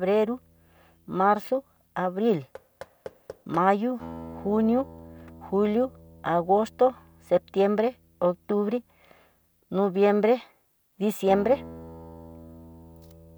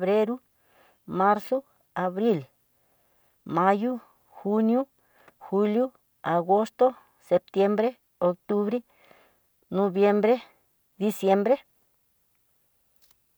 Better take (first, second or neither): second